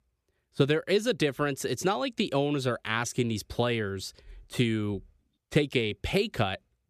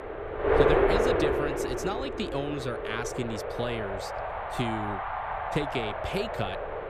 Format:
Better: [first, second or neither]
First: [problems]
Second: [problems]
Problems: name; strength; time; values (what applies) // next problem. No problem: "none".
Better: first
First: none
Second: wind noise on the microphone; heavy; 5 dB above the speech